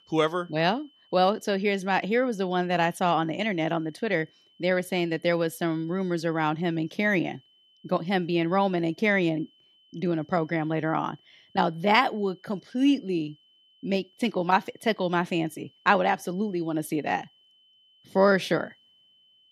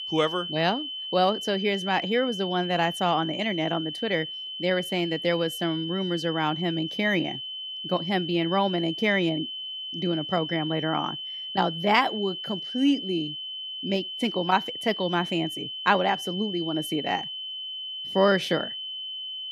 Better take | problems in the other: first | high-pitched whine; loud; throughout; 3 kHz, 6 dB below the speech; faint in the first

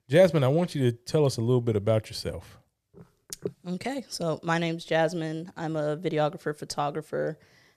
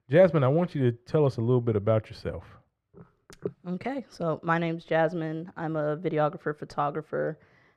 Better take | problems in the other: first | muffled; slightly; fading above 4 kHz

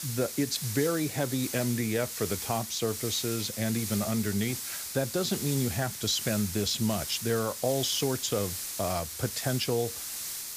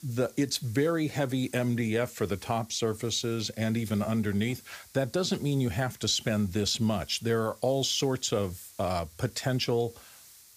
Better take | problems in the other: second | hiss; loud; throughout; 4 dB below the speech; faint in the second

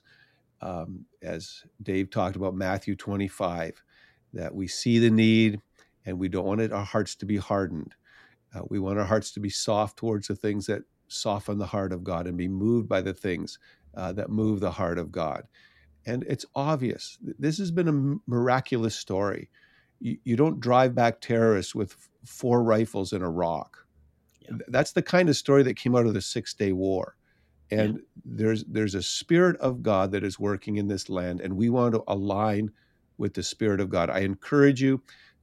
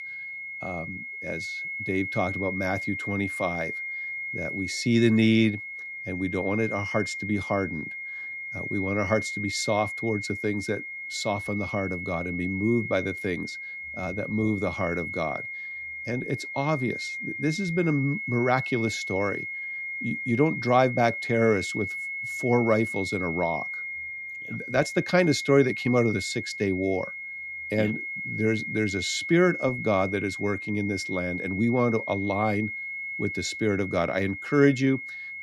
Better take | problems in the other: first | high-pitched whine; loud; throughout; 2 kHz, 5 dB below the speech

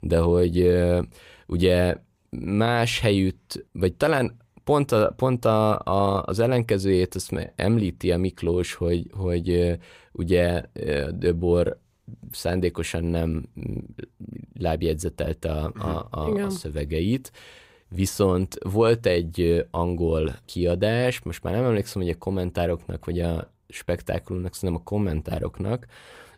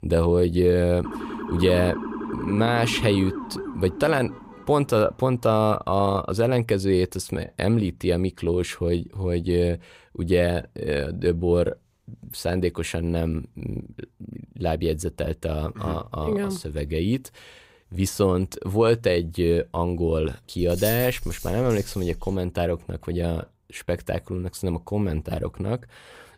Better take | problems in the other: first | siren; noticeable; from 1 to 5 s; peak 6 dB below the speech // jangling keys; noticeable; from 21 to 22 s; peak 5 dB below the speech

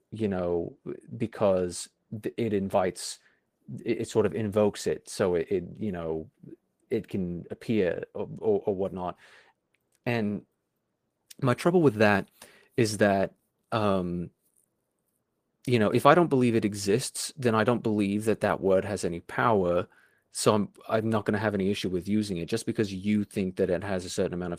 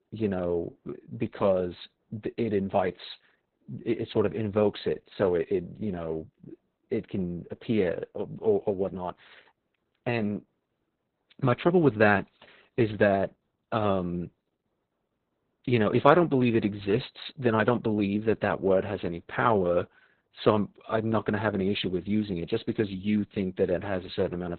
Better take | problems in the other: first | garbled, watery; badly; nothing above 4 kHz; slightly in the first

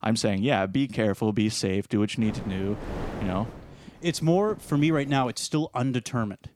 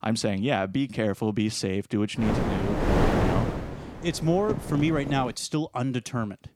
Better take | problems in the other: first | wind noise on the microphone; heavy; from 2 to 5.5 s; 1 dB below the speech; occasional gusts in the first

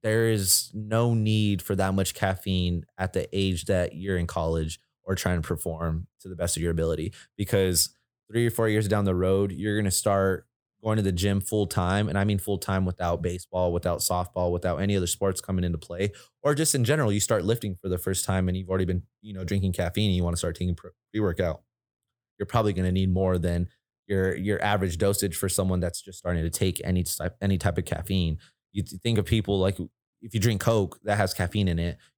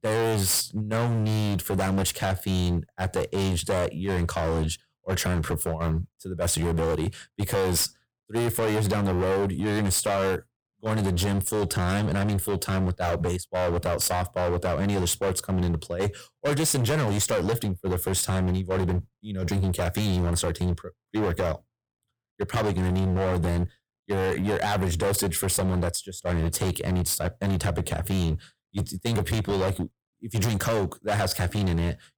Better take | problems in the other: first | distortion; heavy; 23% of the sound clipped

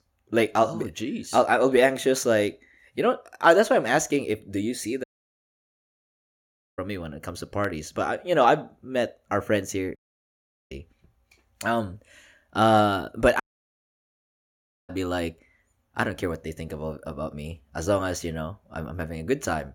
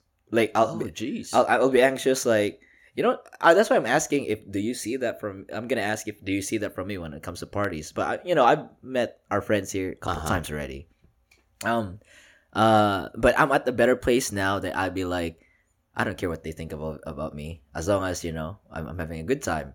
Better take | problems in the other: second | audio cutting out; at 5 s for 1.5 s, at 10 s for 1 s and at 13 s for 1.5 s

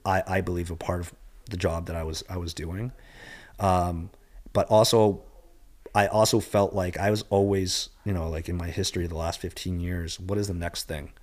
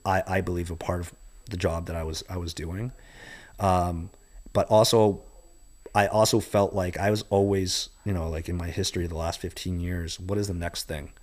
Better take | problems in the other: first | high-pitched whine; faint; throughout; 8 kHz, 35 dB below the speech

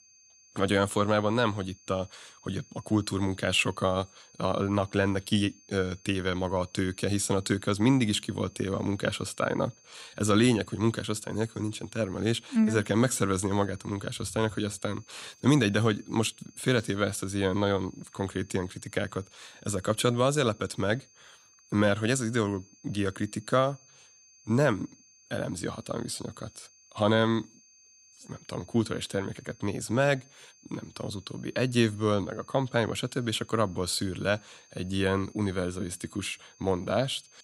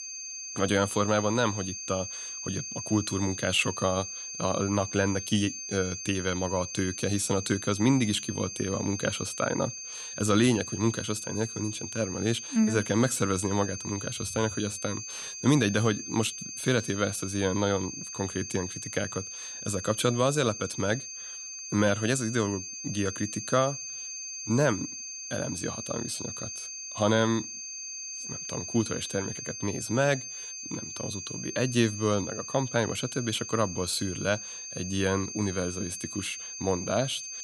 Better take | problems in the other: first | high-pitched whine; loud; throughout; 6.5 kHz, 7 dB below the speech; faint in the first

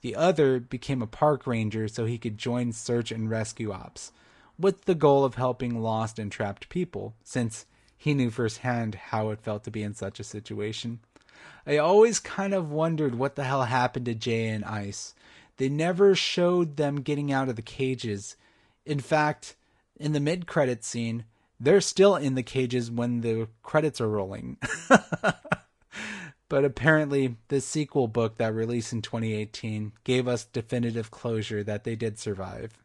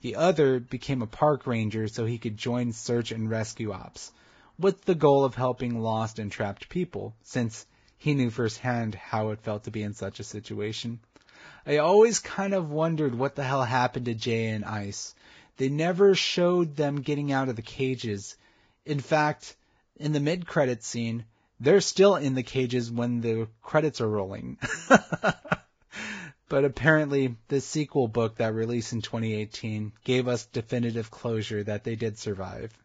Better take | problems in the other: first | garbled, watery; badly; nothing above 7.5 kHz; slightly in the first

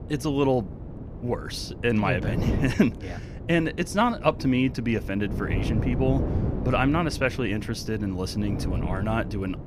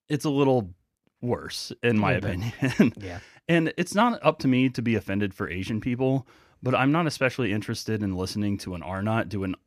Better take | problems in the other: second | wind noise on the microphone; occasional gusts; 10 dB below the speech

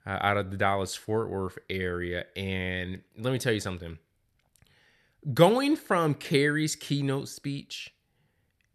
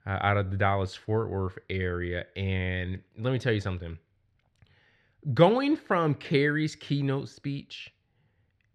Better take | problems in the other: first | muffled; very slightly; fading above 3.5 kHz

